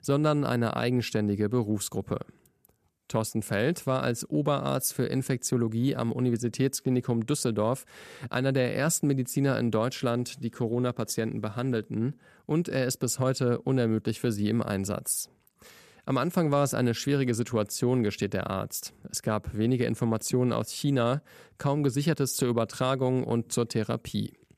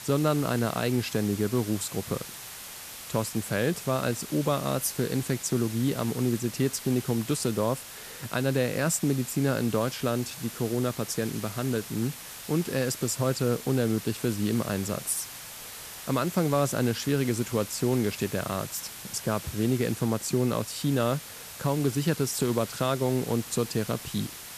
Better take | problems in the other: first | hiss; noticeable; throughout; 10 dB below the speech

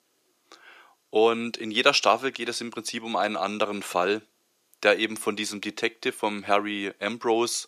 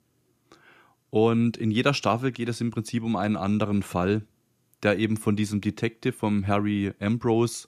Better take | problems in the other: second | thin; very; fading below 500 Hz

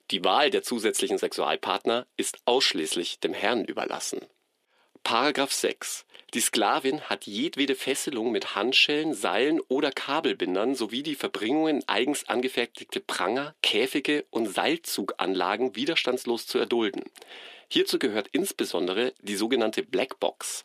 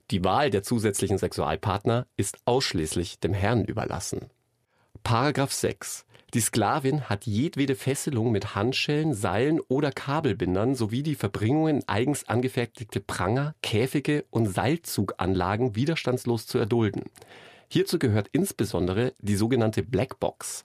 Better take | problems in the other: second | thin; somewhat; fading below 250 Hz

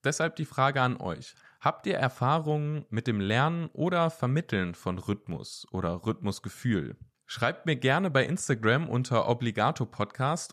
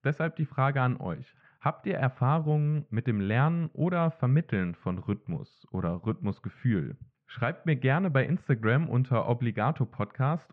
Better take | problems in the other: first | muffled; very; fading above 2.5 kHz

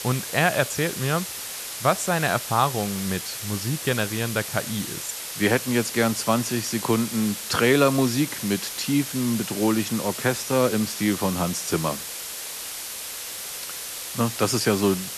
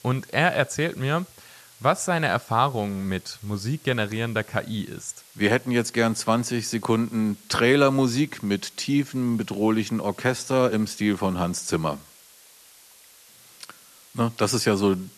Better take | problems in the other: second | hiss; loud; throughout; 7 dB below the speech; faint in the second

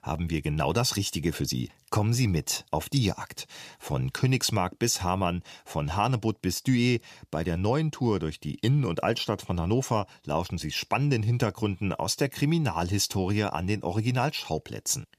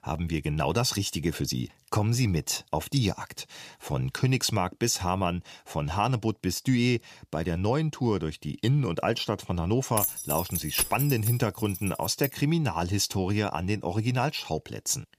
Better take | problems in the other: first | jangling keys; loud; from 10 to 12 s; peak level with the speech

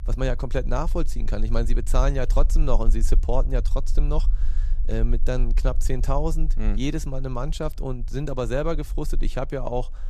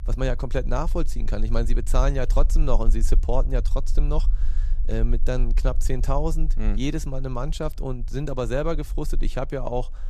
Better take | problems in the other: neither | low rumble; faint; throughout; 20 dB below the speech; the same in both

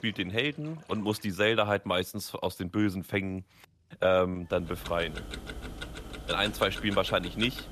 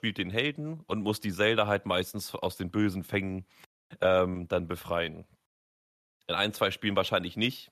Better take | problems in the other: second | household noises; noticeable; throughout; 10 dB below the speech

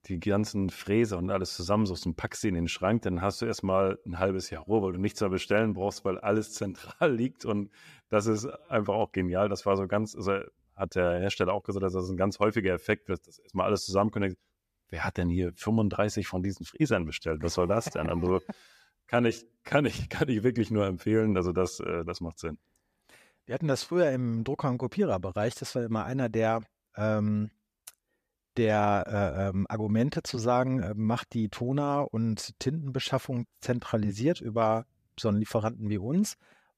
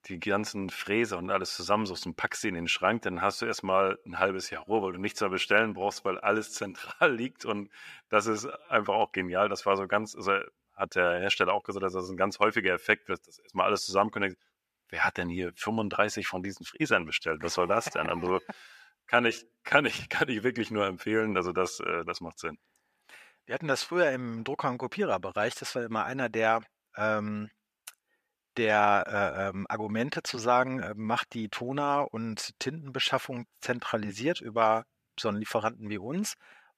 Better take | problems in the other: first | thin; somewhat; fading below 750 Hz

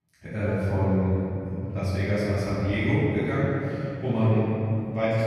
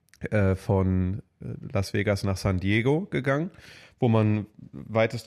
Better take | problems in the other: second | off-mic speech; far // room echo; strong; dies away in 3 s

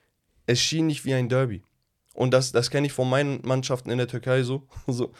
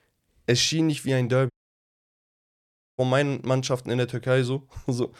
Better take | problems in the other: first | audio cutting out; at 1.5 s for 1.5 s

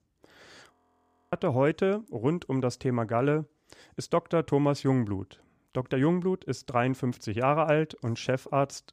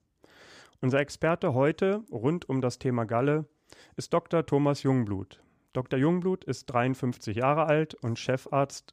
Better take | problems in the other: second | audio freezing; at 0.5 s for 0.5 s

